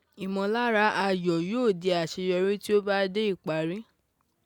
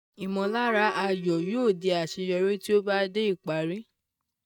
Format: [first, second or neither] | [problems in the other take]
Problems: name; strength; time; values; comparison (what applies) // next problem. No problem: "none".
first | noise reduction (neural mask model DeepFilterNet 3)